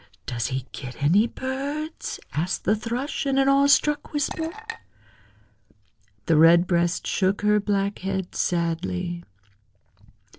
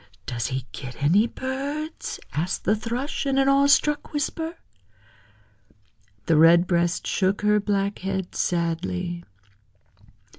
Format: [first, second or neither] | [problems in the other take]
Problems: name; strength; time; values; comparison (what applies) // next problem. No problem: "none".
second | noise reduction (neural separator model SepFormer DNS4)